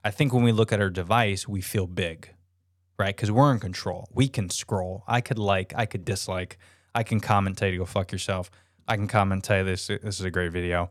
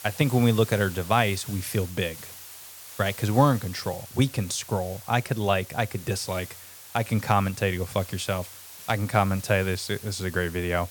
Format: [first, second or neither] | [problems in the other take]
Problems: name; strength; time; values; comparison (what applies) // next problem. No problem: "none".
first | hiss; noticeable; throughout; 15 dB below the speech